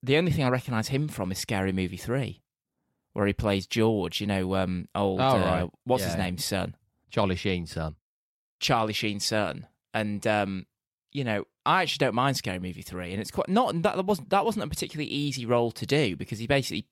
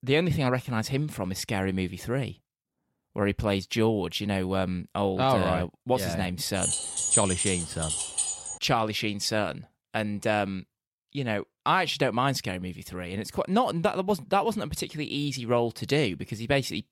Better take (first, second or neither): first